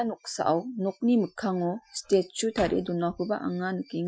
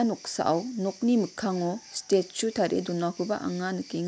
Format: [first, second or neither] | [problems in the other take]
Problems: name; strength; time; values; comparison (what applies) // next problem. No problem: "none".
second | noise reduction (classical method Wiener filter)